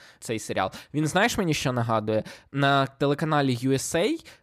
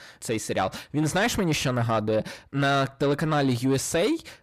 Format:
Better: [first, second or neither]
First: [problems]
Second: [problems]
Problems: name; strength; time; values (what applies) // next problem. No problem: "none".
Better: first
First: none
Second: distortion; slight; 10 dB below the speech